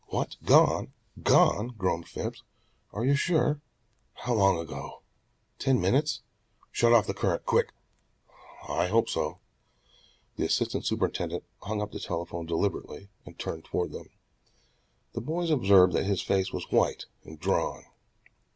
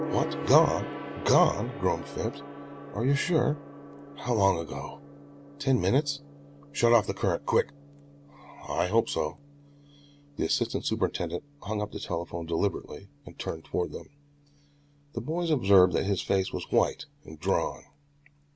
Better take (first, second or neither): first